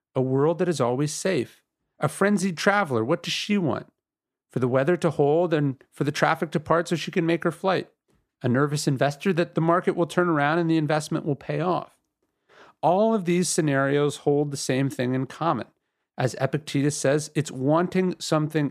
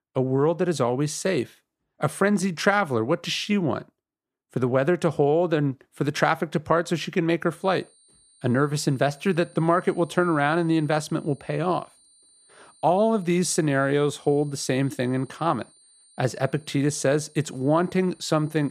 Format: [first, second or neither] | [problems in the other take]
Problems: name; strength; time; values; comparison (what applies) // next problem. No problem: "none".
first | high-pitched whine; faint; from 7.5 s on; 9 kHz, 30 dB below the speech